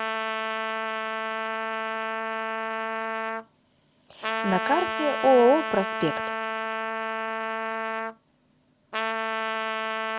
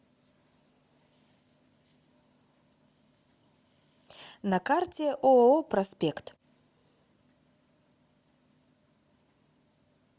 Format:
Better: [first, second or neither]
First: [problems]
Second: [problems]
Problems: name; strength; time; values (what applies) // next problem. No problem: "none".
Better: second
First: background sound (Trumpet); as loud as the speech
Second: none